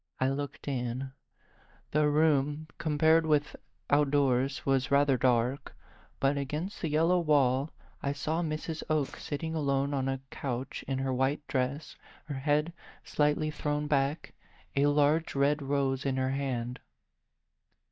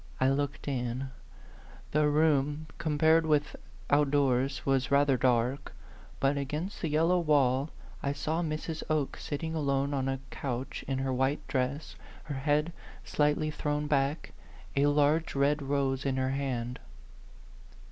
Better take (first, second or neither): second